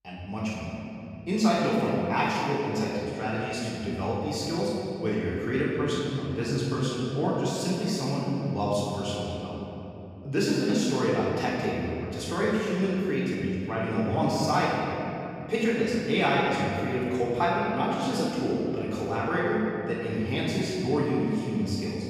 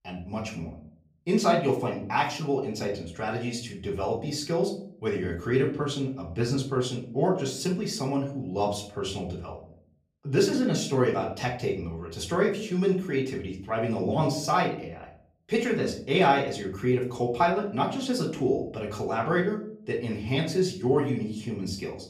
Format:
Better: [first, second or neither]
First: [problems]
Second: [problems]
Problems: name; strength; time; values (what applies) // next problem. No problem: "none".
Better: second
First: room echo; strong; dies away in 2.9 s // off-mic speech; far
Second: room echo; slight; dies away in 0.5 s // off-mic speech; far